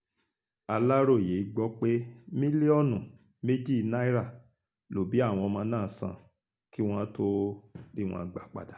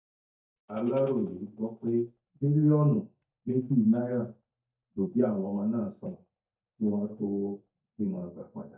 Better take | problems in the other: first | noise reduction (neural mask model DeepFilterNet 3)

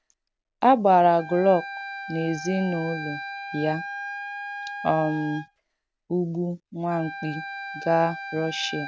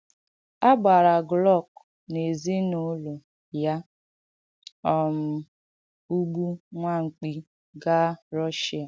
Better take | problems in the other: second | background sound (Wind instrument, woodwind instrument); 11 dB below the speech

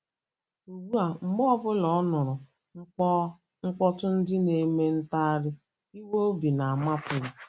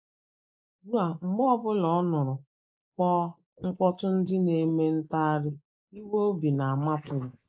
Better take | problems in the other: first | noise reduction (neural mask model Resemble Enhance denoiser)

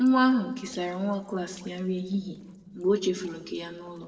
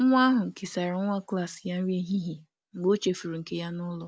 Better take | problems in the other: second | noise reduction (neural separator model SepFormer DNS4)

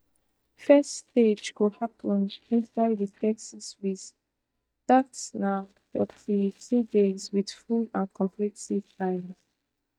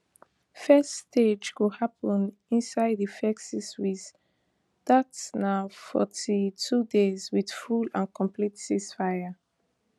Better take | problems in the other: second | noise reduction (neural mask model DeepFilterNet 3)

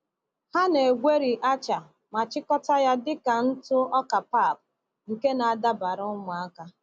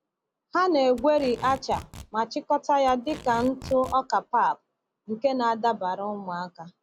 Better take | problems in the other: first | background sound (Packing tape, duct tape); 17 dB below the speech

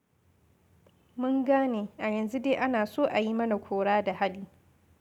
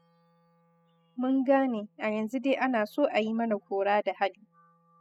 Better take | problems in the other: first | noise reduction (classical method spectral subtraction)

